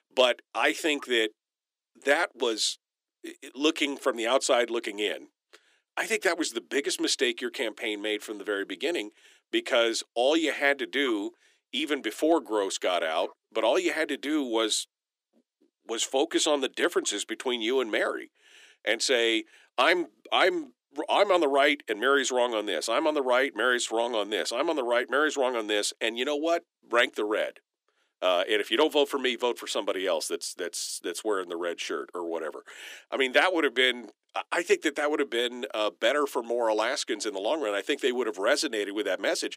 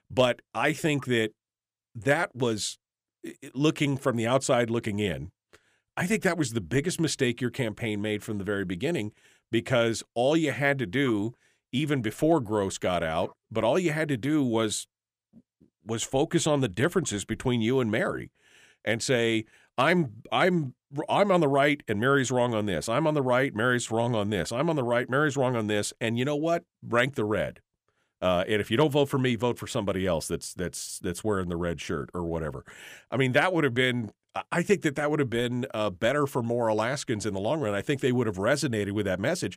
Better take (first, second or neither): second